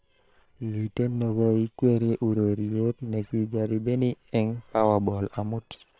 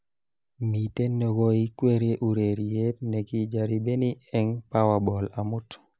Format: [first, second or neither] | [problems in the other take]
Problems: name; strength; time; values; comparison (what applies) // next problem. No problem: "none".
second | noise reduction (neural separator model SepFormer WHAM!)